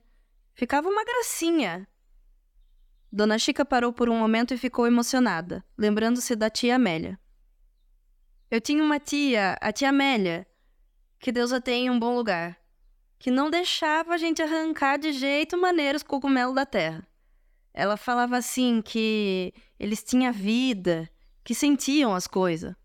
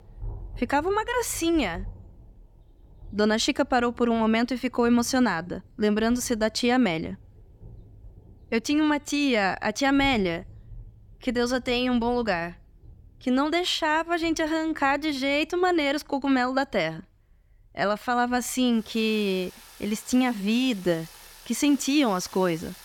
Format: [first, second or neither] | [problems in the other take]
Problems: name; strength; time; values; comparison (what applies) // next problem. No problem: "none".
first | rain or running water; faint; throughout; 25 dB below the speech